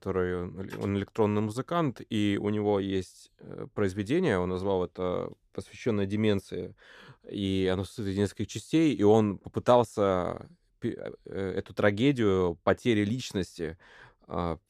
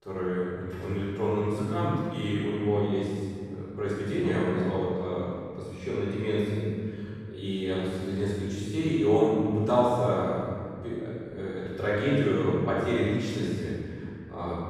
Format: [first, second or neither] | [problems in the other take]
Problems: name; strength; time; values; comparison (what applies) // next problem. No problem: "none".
first | off-mic speech; far // room echo; strong; dies away in 2.3 s